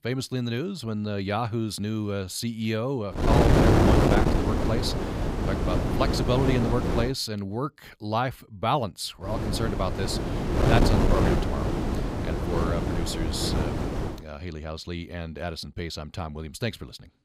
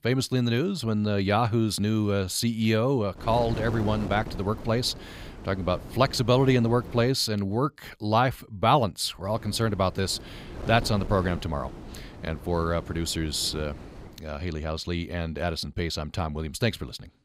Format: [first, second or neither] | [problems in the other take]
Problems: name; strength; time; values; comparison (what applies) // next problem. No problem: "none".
second | wind noise on the microphone; heavy; from 3 to 7 s and from 9.5 to 14 s; 2 dB above the speech; occasional gusts in the second